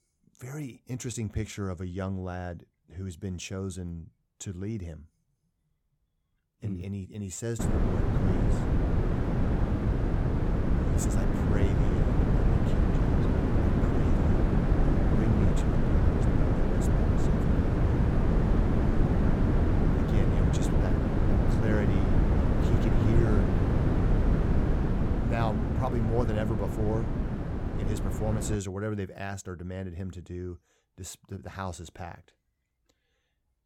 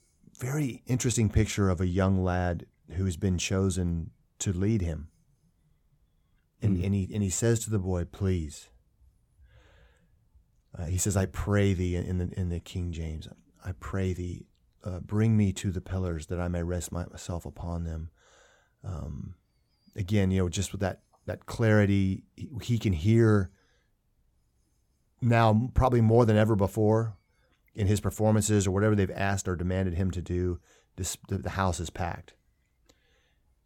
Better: second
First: wind noise on the microphone; heavy; from 7.5 to 29 s; 5 dB above the speech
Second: none

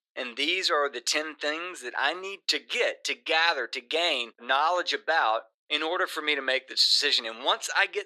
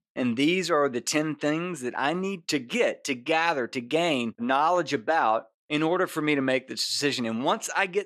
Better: second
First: thin; very; fading below 400 Hz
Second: none

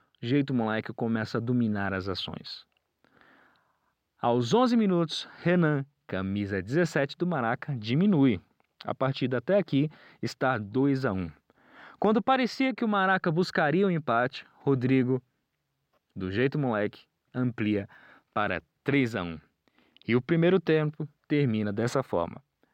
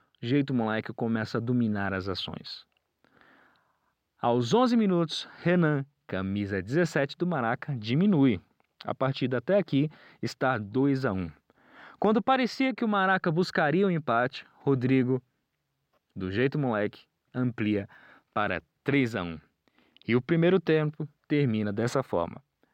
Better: neither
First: none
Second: none

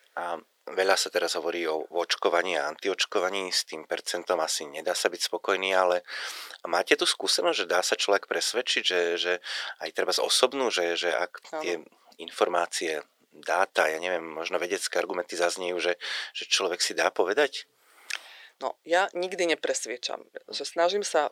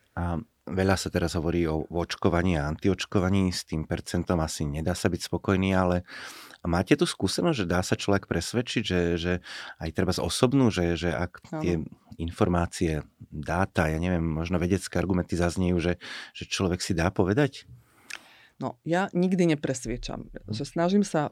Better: second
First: thin; very; fading below 450 Hz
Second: none

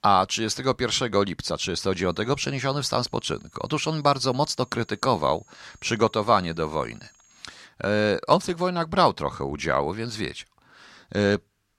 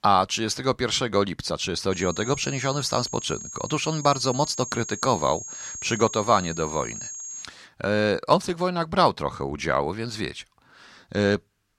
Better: first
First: high-pitched whine; faint; from 2 to 7.5 s; 6.5 kHz, 30 dB below the speech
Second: high-pitched whine; loud; from 2 to 7.5 s; 6.5 kHz, 10 dB below the speech

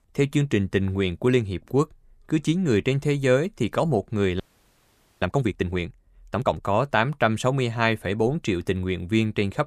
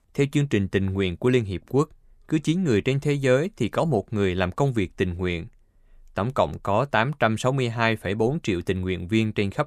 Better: second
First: audio freezing; at 4.5 s for 1 s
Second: none

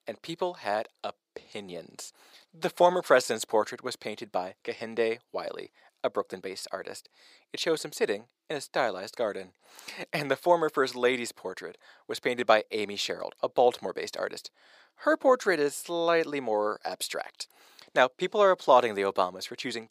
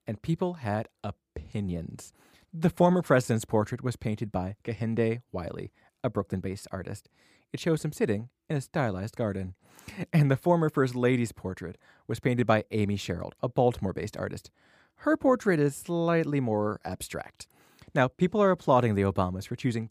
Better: second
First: thin; very; fading below 550 Hz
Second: none

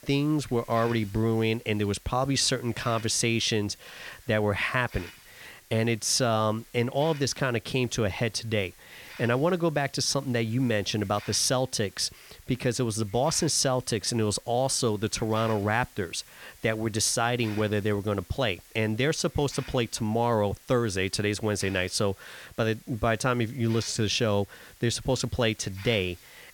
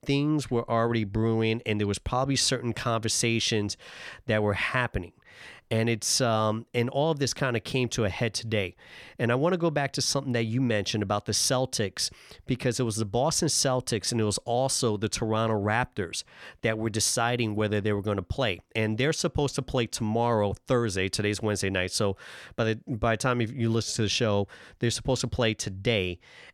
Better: second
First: hiss; faint; throughout; 20 dB below the speech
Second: none

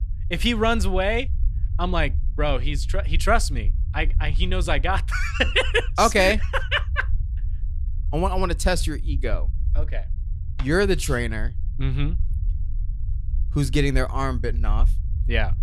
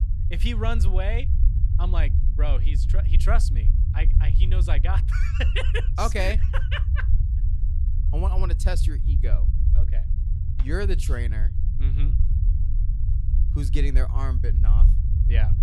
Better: first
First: low rumble; faint; throughout; 25 dB below the speech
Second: low rumble; loud; throughout; 9 dB below the speech

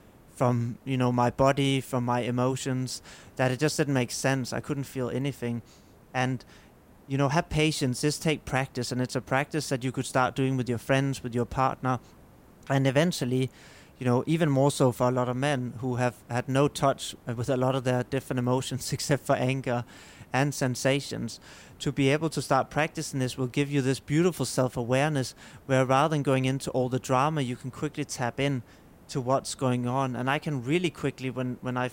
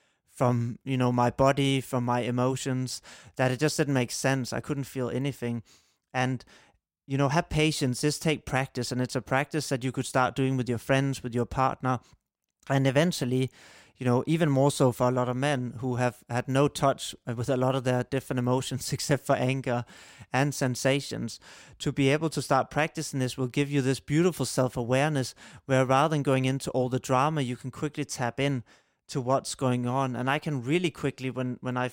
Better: second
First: hiss; faint; throughout; 30 dB below the speech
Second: none

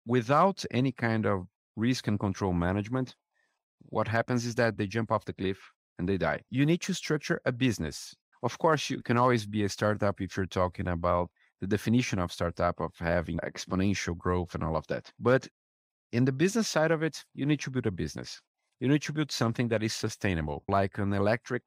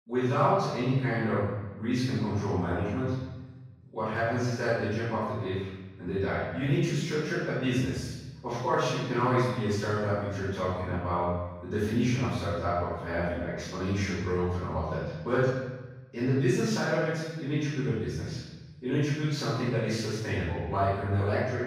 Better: first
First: none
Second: room echo; strong; dies away in 1.1 s // off-mic speech; far

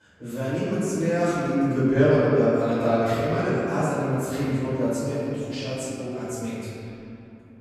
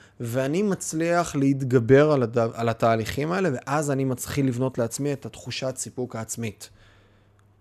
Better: second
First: room echo; strong; dies away in 2.5 s // off-mic speech; far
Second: none

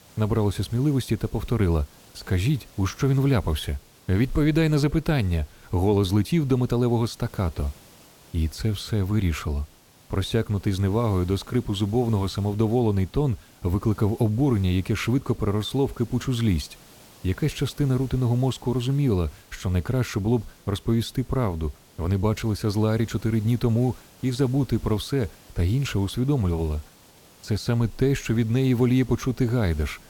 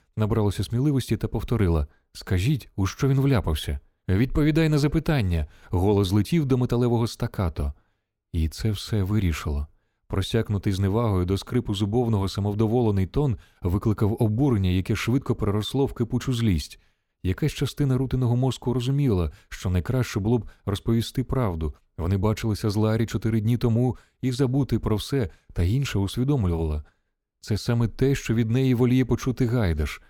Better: second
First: hiss; faint; throughout; 25 dB below the speech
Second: none

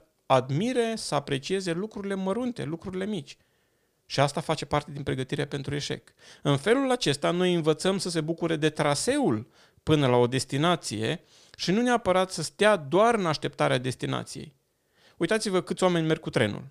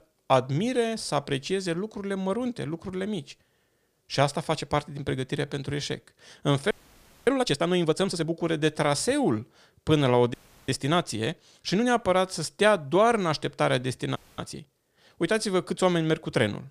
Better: first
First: none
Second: audio freezing; at 6.5 s for 0.5 s, at 10 s and at 14 s

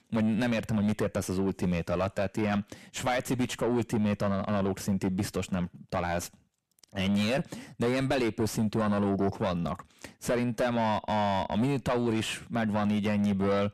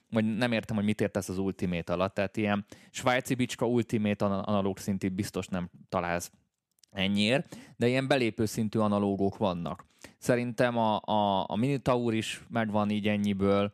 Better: second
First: distortion; heavy; 6 dB below the speech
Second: none

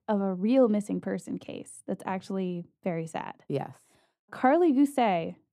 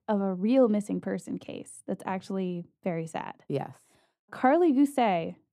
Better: neither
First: muffled; slightly; fading above 1 kHz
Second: muffled; slightly; fading above 1 kHz

